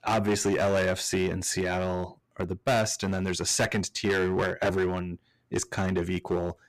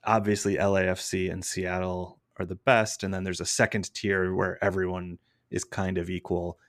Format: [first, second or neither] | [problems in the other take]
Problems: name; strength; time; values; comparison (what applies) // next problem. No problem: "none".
second | distortion; heavy; 9% of the sound clipped